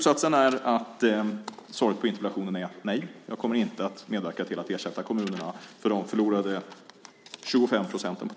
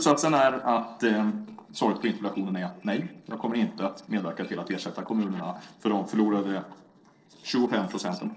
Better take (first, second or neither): first